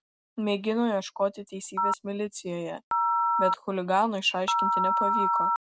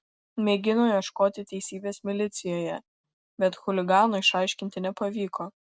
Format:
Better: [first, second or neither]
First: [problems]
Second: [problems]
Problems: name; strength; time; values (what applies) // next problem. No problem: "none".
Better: second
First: background sound (Telephone); 3 dB above the speech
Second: none